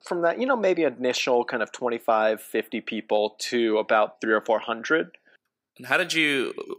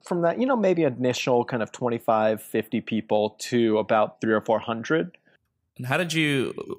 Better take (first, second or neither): second